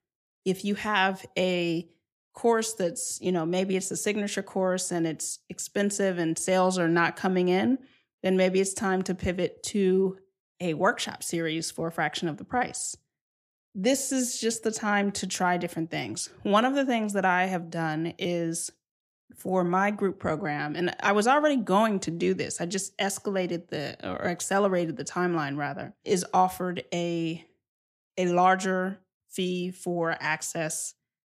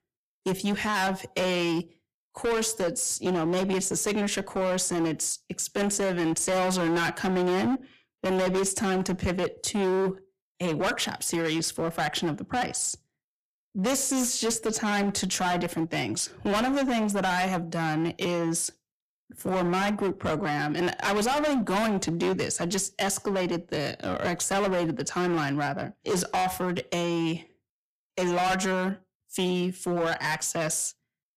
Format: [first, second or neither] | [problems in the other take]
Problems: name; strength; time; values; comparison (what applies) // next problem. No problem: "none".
first | distortion; heavy; 20% of the sound clipped